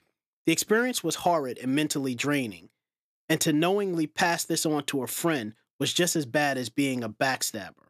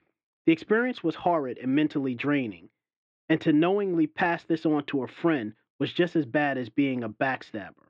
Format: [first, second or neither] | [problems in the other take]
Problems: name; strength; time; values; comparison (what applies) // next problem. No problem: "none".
first | muffled; very; fading above 3 kHz